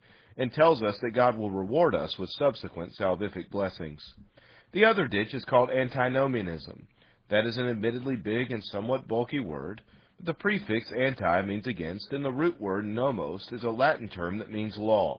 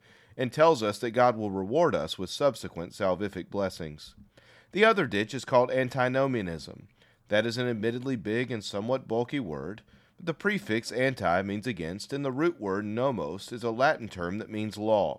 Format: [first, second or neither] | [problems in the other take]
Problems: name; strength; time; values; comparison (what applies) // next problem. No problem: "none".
second | garbled, watery; badly